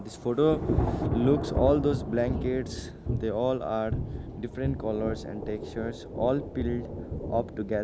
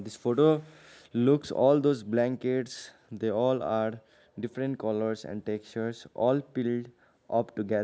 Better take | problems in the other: second | background sound (Thunder / Rain); 3 dB below the speech

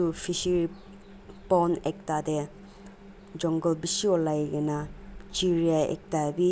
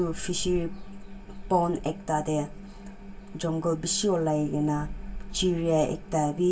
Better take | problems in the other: first | room echo; dies away in 0.2 s

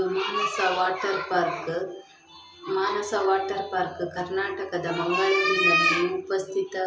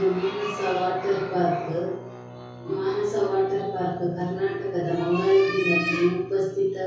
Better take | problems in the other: first | background sound (Guitar); 17 dB below the speech // room echo; dies away in 0.6 s

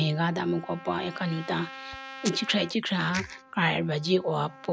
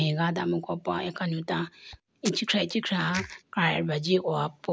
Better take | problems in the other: second | background sound (Trumpet); 17 dB below the speech

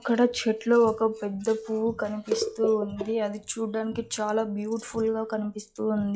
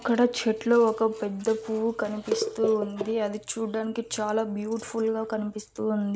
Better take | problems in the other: second | noise reduction (classical method log-MMSE)

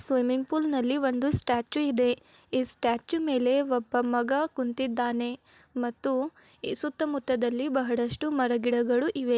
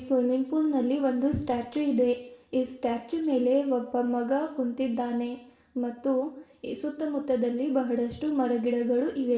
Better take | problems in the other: first | room echo; dies away in 0.7 s

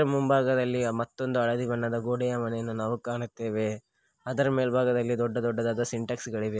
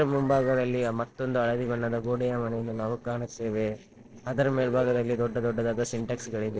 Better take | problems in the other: first | noise reduction (neural separator model SepFormer DNS4)

